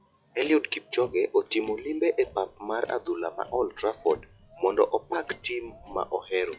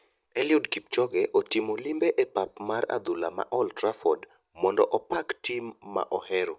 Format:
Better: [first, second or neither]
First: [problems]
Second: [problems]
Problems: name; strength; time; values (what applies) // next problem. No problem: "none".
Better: second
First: noise reduction (classical method log-MMSE)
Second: none